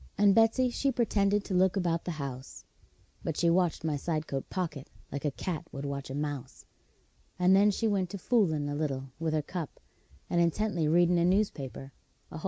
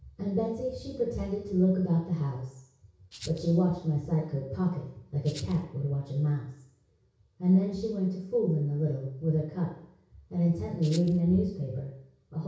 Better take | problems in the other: first | background sound (Rattle (instrument)); 18 dB below the speech // room echo; dies away in 0.6 s

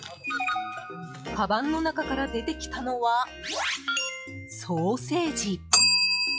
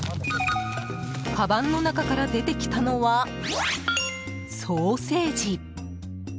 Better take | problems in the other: second | noise reduction (classical method log-MMSE)

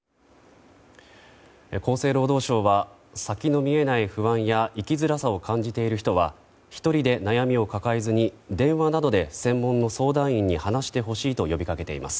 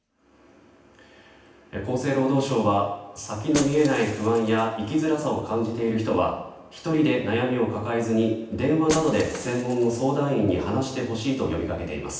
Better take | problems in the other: first | background sound (Shatter); 18 dB below the speech // room echo; dies away in 0.9 s

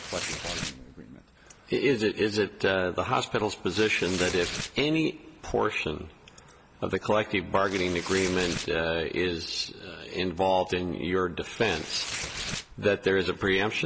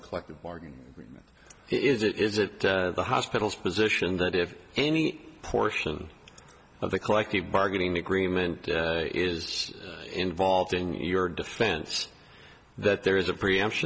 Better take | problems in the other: second | background sound (Tearing); 12 dB below the speech

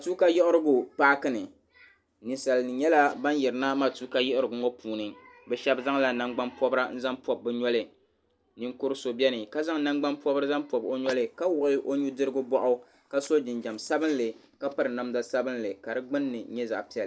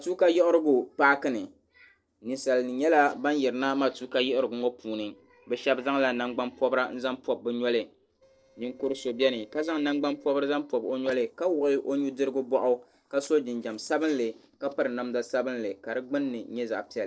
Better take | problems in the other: first | noise reduction (neural separator model SepFormer DNS4)

